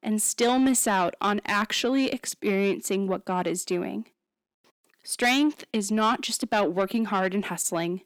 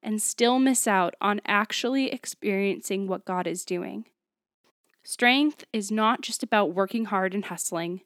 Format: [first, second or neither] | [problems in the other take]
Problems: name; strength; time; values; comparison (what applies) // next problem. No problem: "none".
second | distortion; slight; 10 dB below the speech